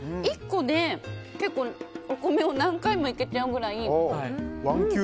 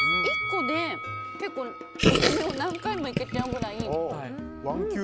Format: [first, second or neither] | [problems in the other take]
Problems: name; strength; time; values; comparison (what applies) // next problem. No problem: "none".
first | background sound (Bell + Gurgling); 2 dB above the speech